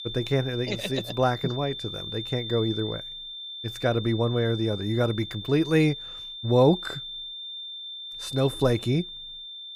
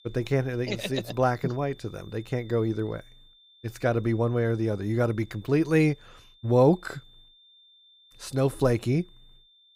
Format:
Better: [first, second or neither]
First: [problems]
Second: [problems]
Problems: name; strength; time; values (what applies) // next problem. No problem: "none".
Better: second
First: high-pitched whine; loud; throughout; 3.5 kHz, 9 dB below the speech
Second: high-pitched whine; faint; throughout; 3.5 kHz, 30 dB below the speech